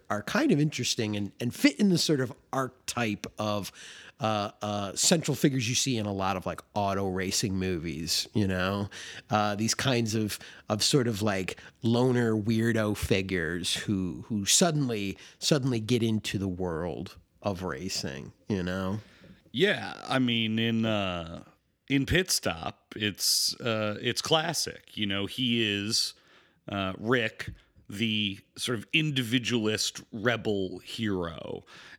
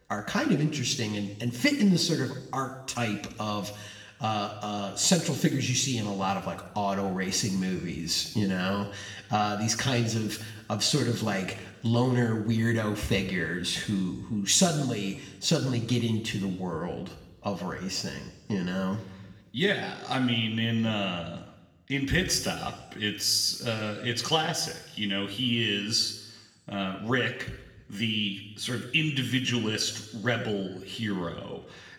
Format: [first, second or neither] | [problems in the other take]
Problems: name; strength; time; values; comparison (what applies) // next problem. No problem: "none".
first | room echo; slight; dies away in 0.9 s // off-mic speech; somewhat distant